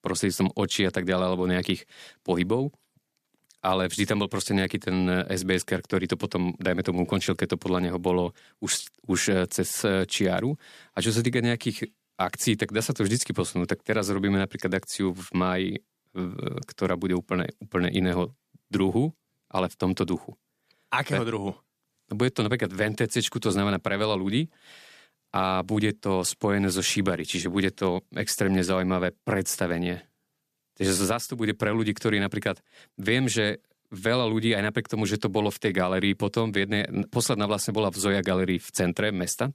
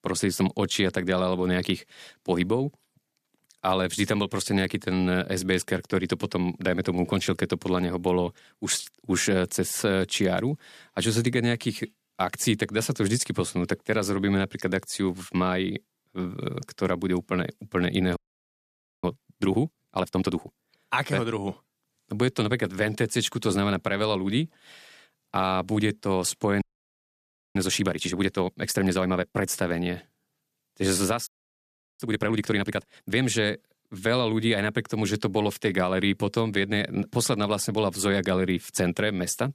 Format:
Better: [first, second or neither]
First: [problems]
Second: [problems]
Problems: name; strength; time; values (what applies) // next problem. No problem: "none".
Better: first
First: none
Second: audio freezing; at 18 s for 1 s, at 27 s for 1 s and at 31 s for 0.5 s